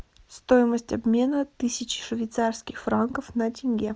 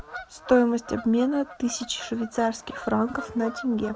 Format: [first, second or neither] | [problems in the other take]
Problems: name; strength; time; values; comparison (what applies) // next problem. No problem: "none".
first | background sound (Bird vocalization, bird call, bird song / Fowl); 15 dB below the speech